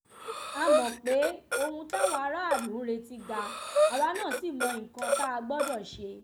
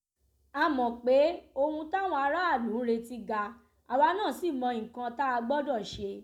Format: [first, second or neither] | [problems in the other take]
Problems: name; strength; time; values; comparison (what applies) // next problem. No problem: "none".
second | background sound (Breathing); 1 dB above the speech